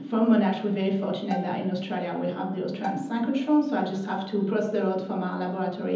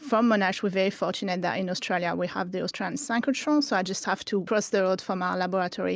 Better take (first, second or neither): second